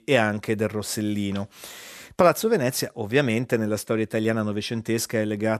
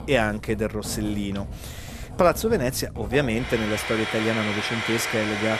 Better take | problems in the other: first | household noises; loud; throughout; 5 dB below the speech

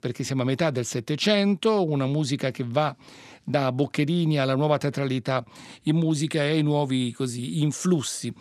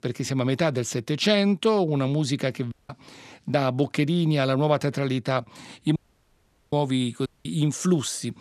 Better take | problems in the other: first | audio cutting out; at 2.5 s, at 6 s for 1 s and at 7.5 s

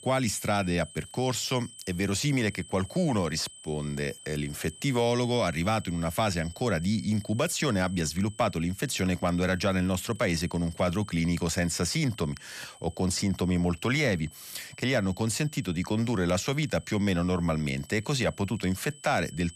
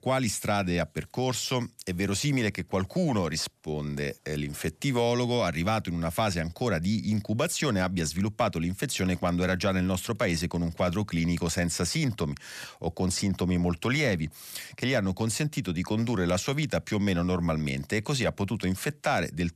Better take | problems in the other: second | high-pitched whine; noticeable; throughout; 8 kHz, 20 dB below the speech

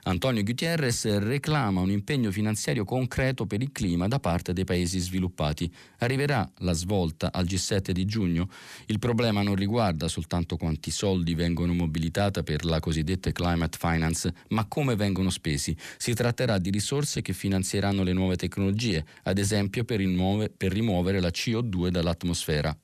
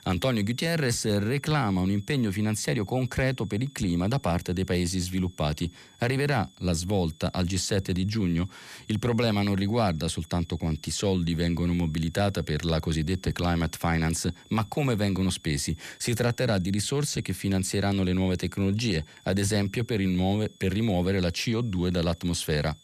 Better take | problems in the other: first | high-pitched whine; faint; throughout; 3.5 kHz, 25 dB below the speech

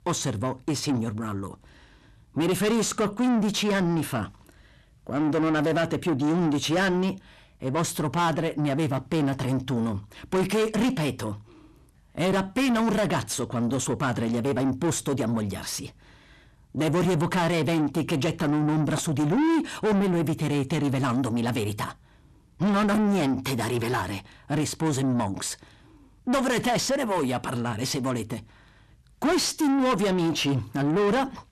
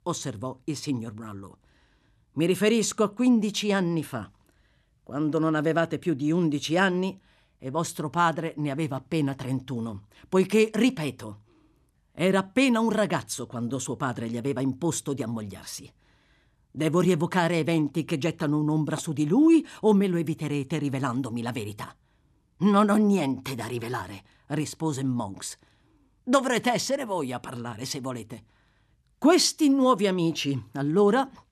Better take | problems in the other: second | distortion; heavy; 6 dB below the speech

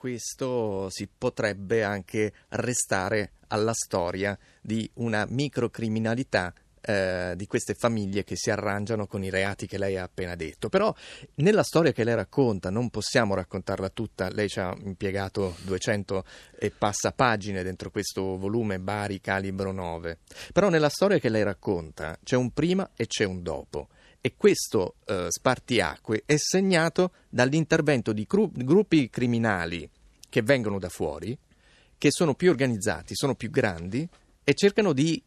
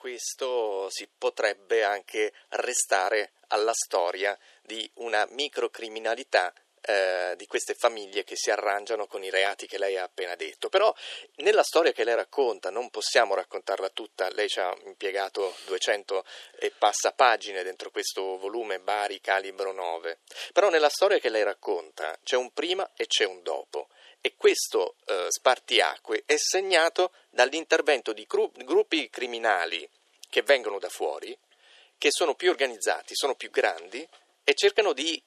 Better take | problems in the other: first | thin; very; fading below 400 Hz

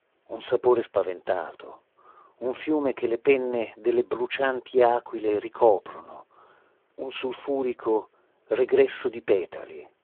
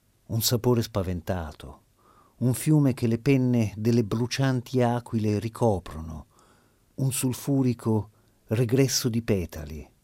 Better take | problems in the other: second | phone-call audio; poor line

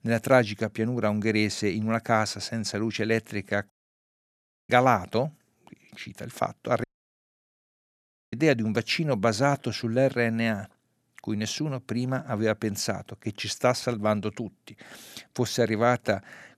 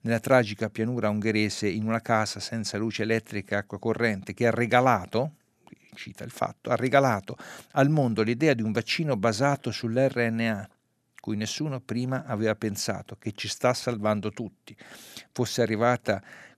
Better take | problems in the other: second | audio cutting out; at 3.5 s for 1 s and at 7 s for 1.5 s

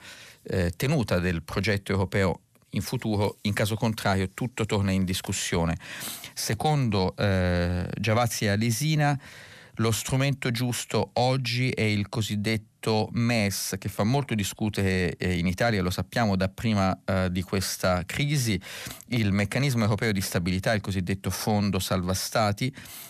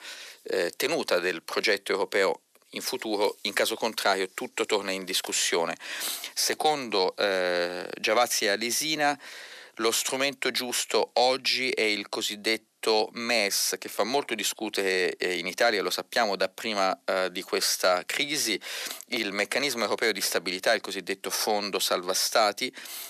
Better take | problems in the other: first | thin; very; fading below 350 Hz

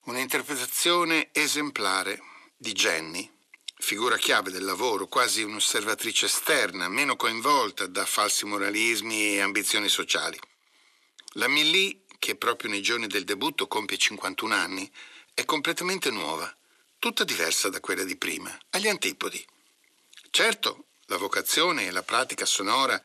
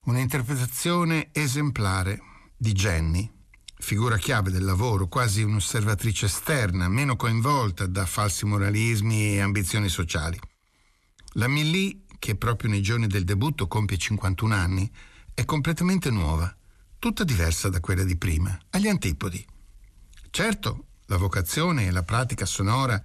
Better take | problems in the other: second | thin; very; fading below 350 Hz

